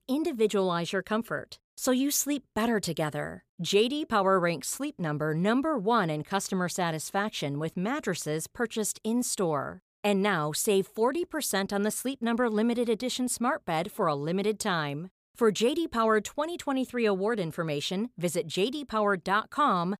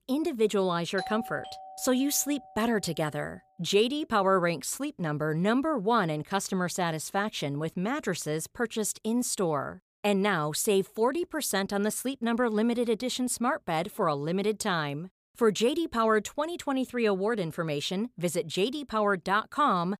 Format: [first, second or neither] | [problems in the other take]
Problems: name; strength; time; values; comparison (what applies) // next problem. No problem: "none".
first | doorbell; faint; from 1 to 3 s; peak 10 dB below the speech